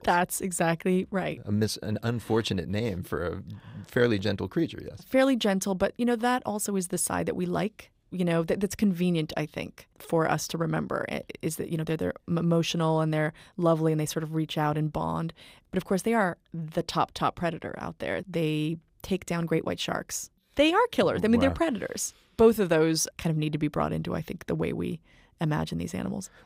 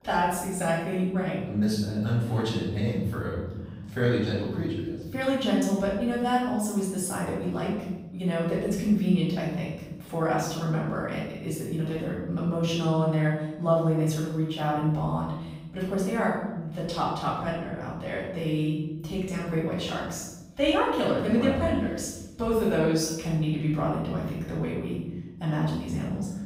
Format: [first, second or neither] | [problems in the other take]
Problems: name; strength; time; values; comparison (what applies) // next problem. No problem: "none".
first | off-mic speech; far // room echo; strong; dies away in 1.4 s